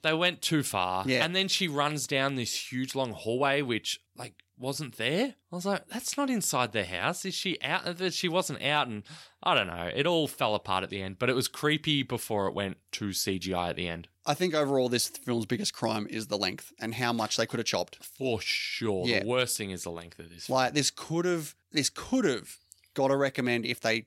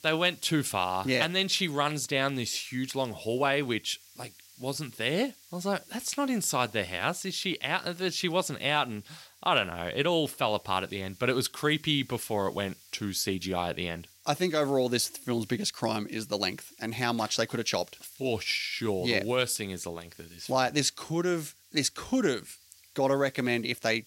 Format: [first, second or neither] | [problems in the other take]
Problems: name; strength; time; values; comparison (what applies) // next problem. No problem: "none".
first | hiss; faint; throughout; 25 dB below the speech